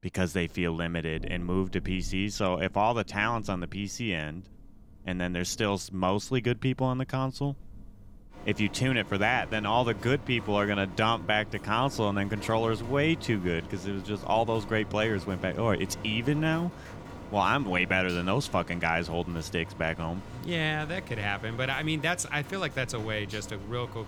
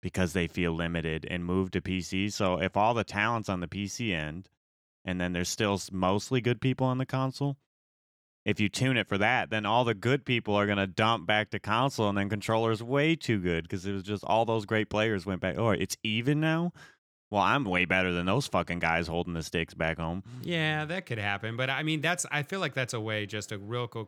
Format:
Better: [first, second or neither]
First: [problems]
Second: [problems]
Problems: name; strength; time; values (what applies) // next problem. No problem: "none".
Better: second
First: rain or running water; noticeable; throughout; 15 dB below the speech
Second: none